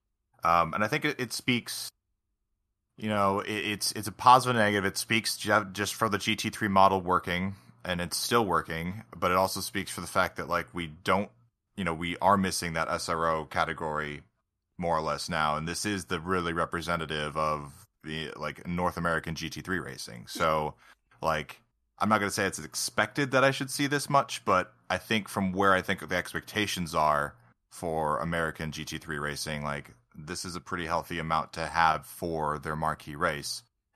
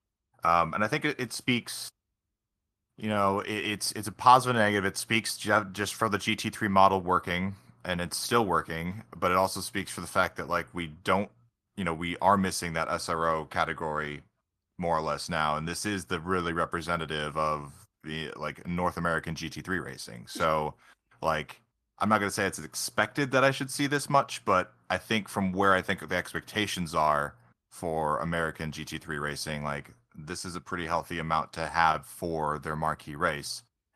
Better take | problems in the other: first | garbled, watery; slightly; nothing above 13.5 kHz

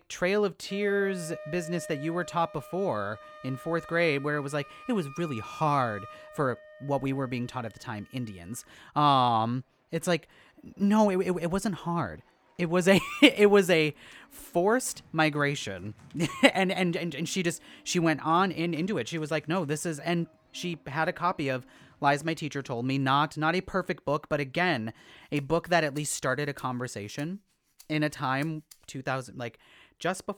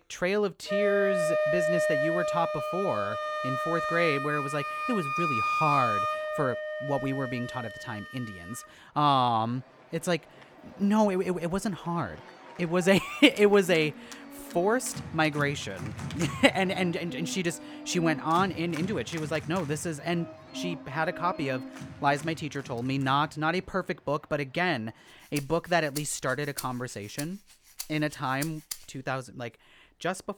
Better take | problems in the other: first | background music; loud; throughout; 4 dB below the speech; faint in the first

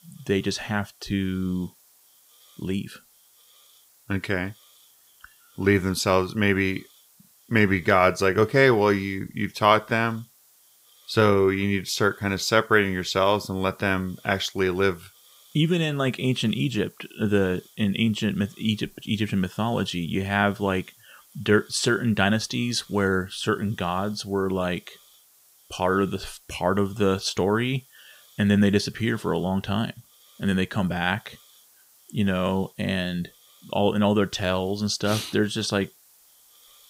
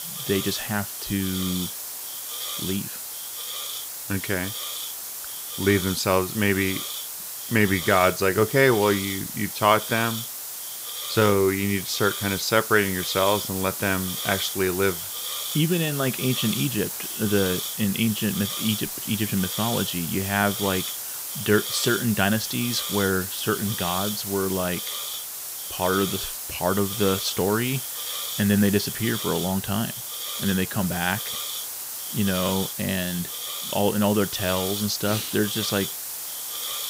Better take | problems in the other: first | hiss; loud; throughout; 4 dB below the speech; faint in the first

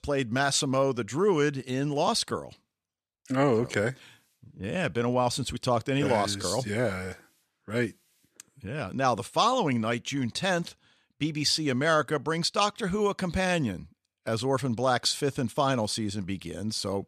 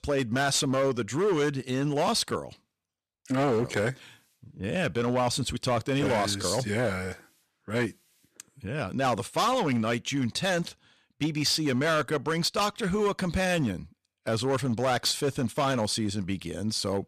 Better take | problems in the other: first | distortion; slight; 8% of the sound clipped

